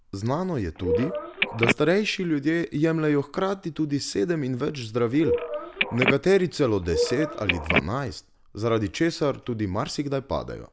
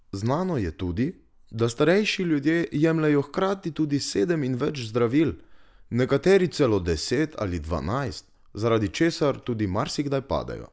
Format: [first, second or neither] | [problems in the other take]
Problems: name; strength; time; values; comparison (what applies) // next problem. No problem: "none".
second | background sound (Telephone); 1 dB below the speech